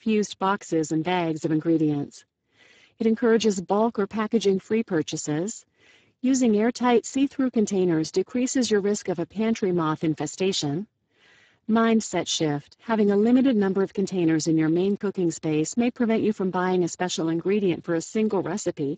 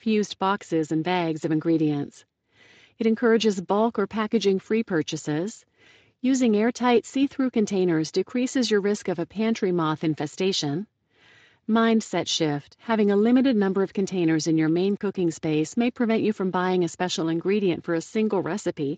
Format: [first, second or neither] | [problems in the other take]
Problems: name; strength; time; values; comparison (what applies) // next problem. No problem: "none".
second | garbled, watery; badly; nothing above 7.5 kHz; slightly in the second